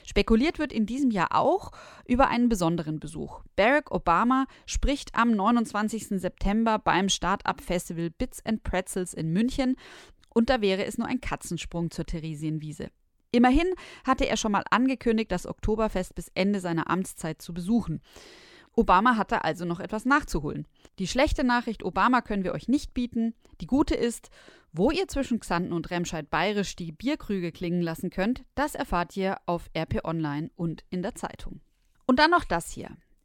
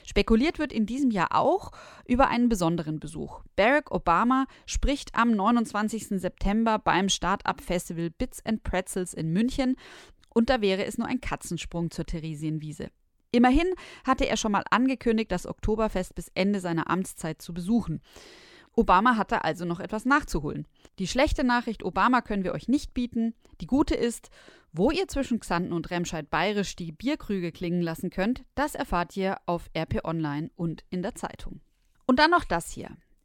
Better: neither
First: none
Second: none

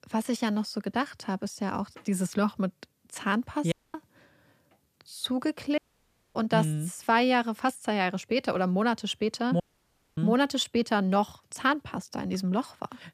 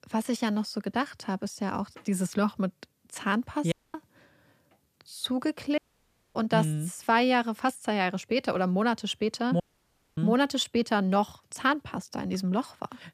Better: neither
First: audio cutting out; at 3.5 s, at 6 s for 0.5 s and at 9.5 s for 0.5 s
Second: audio cutting out; at 3.5 s, at 6 s for 0.5 s and at 9.5 s for 0.5 s

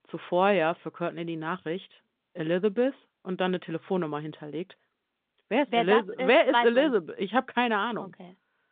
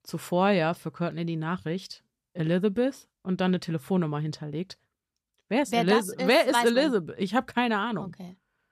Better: second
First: phone-call audio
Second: none

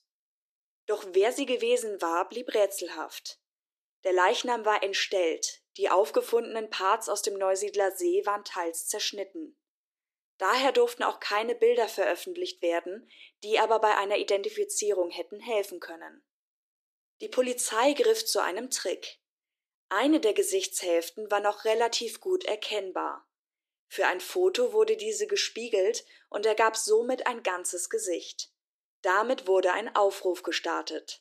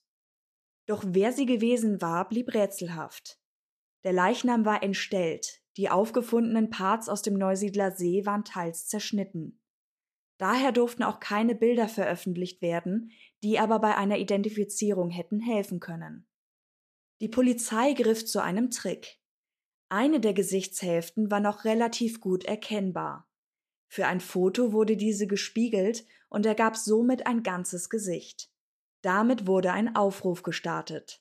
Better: second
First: thin; very; fading below 300 Hz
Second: none

